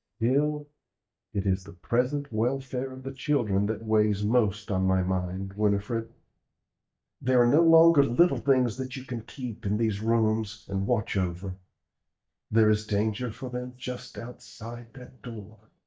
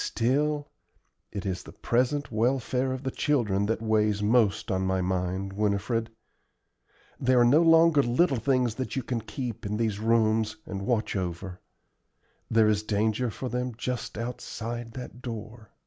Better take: second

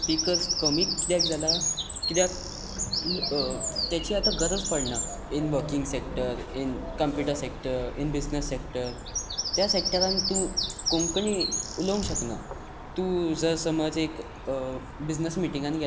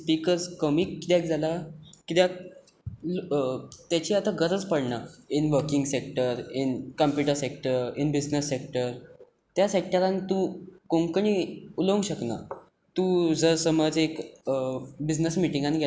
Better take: second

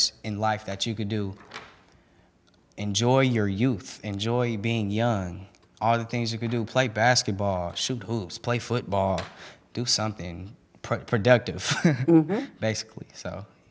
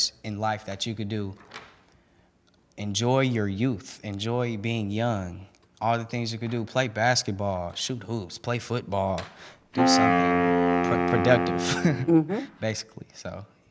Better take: first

